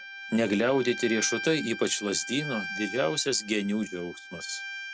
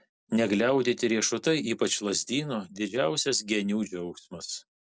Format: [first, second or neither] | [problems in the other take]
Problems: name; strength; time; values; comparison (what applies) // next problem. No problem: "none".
second | background sound (Bowed string instrument); 10 dB below the speech